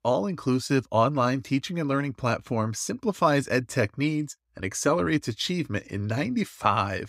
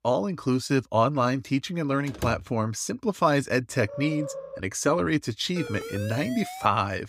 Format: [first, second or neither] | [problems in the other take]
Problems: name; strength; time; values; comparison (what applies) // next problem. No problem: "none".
first | door banging; noticeable; at 2 s; peak 9 dB below the speech // dog barking; faint; at 4 s; peak 10 dB below the speech // siren; noticeable; from 5.5 s on; peak 10 dB below the speech